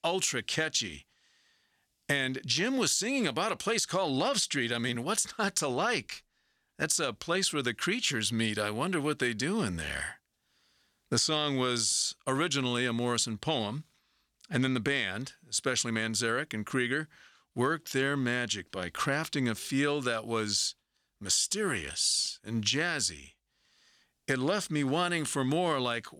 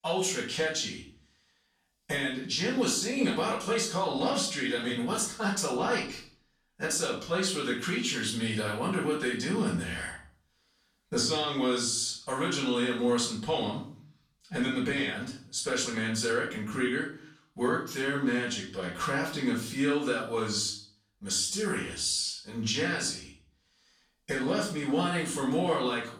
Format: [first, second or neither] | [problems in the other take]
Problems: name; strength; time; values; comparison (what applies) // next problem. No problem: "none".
first | off-mic speech; far // room echo; noticeable; dies away in 0.4 s